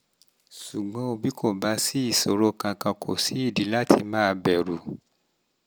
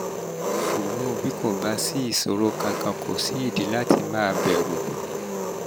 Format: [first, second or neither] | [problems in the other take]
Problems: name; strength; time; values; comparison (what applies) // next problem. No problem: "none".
first | background sound (Engine); 2 dB below the speech